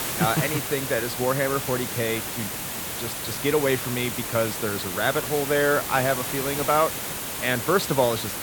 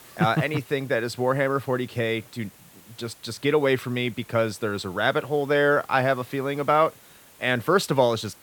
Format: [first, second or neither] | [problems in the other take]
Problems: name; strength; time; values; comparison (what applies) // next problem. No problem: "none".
second | hiss; loud; throughout; 4 dB below the speech; faint in the second